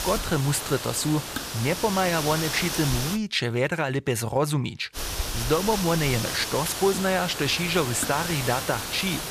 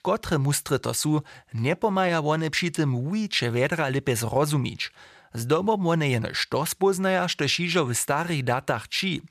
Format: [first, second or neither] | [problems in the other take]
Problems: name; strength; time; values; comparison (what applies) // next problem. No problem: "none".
second | hiss; loud; until 3 s and from 5 s on; 4 dB below the speech